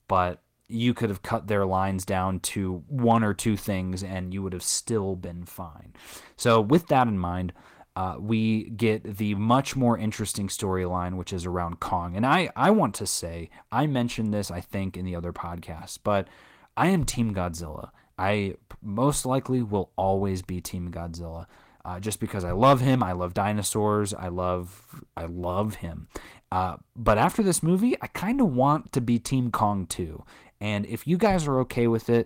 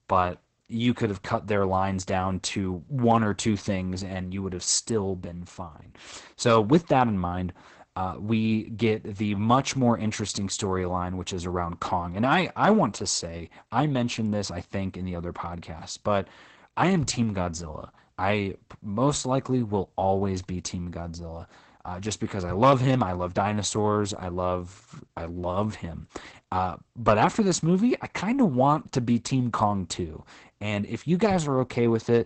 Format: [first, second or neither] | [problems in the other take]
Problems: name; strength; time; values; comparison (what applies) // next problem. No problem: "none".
first | garbled, watery; badly; nothing above 8 kHz; slightly in the first